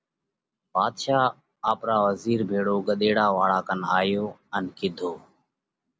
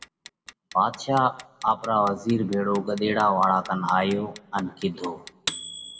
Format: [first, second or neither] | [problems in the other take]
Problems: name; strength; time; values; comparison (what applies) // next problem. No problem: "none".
first | background sound (Clock); 17 dB below the speech // room echo; dies away in 0.7 s